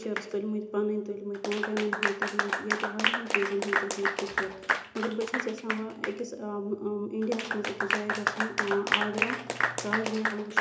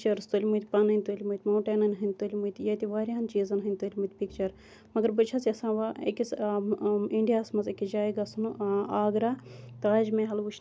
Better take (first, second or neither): second